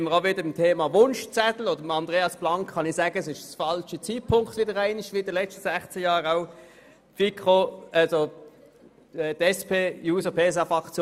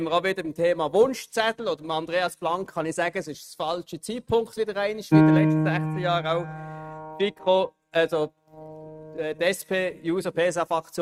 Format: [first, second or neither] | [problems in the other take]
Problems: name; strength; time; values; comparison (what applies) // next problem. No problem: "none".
first | noise reduction (neural mask model RNNoise)